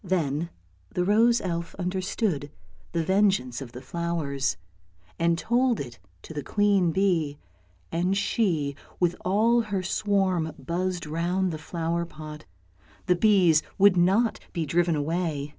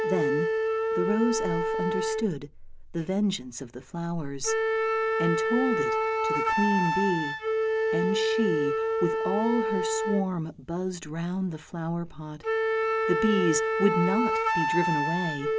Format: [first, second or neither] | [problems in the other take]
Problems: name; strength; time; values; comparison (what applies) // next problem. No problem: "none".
first | background sound (Wind instrument, woodwind instrument); 2 dB above the speech